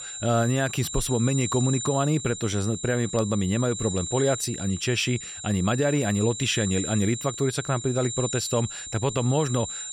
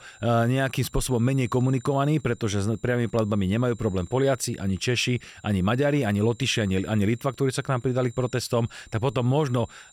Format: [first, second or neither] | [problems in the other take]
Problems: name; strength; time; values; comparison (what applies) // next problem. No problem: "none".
second | high-pitched whine; loud; throughout; 7.5 kHz, 7 dB below the speech; faint in the second